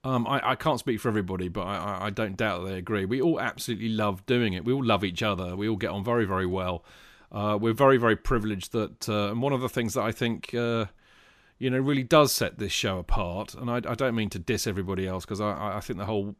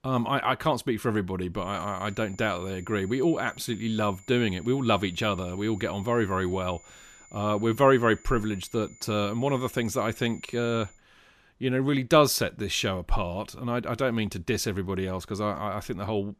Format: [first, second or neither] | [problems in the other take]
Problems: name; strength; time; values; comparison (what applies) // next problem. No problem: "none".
first | high-pitched whine; faint; from 1.5 to 11 s; 7 kHz, 25 dB below the speech